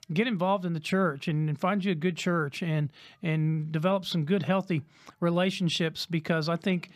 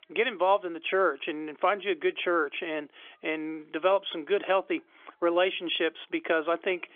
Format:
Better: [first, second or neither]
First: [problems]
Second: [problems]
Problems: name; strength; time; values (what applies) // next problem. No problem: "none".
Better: first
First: none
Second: phone-call audio; nothing above 3.5 kHz